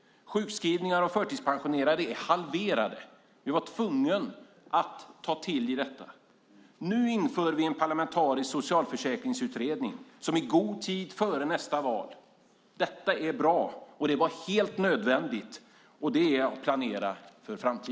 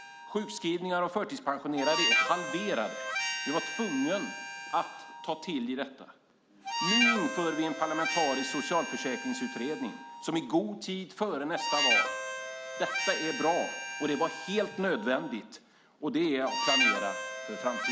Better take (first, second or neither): first